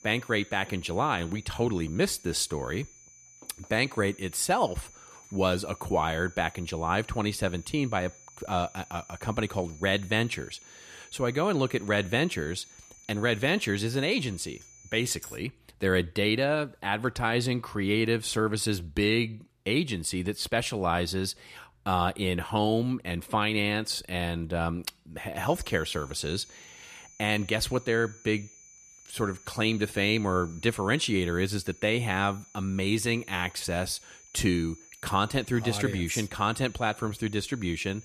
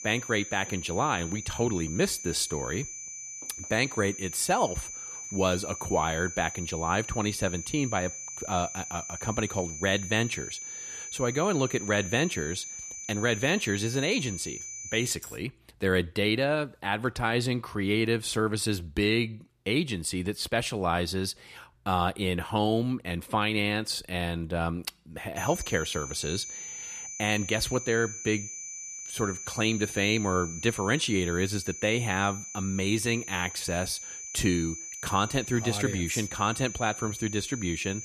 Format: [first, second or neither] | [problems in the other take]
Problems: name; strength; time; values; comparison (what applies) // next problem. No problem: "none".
first | high-pitched whine; loud; until 15 s and from 25 s on; 6 kHz, 8 dB below the speech; faint in the first